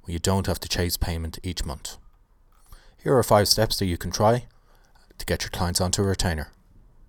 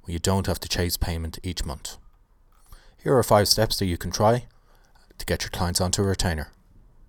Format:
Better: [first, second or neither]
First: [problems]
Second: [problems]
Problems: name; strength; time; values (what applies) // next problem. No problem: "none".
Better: neither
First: none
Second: none